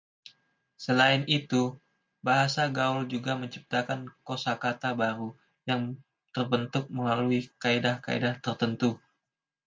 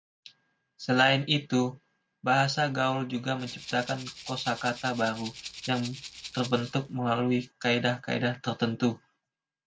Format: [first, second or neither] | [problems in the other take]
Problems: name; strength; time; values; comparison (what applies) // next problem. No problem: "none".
first | background sound (Rattle (instrument)); 14 dB below the speech